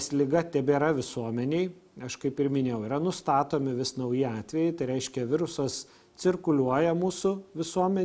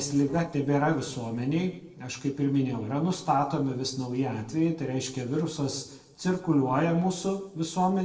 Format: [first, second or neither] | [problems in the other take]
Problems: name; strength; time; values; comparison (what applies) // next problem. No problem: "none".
first | noise reduction (neural separator model SepFormer DNS4)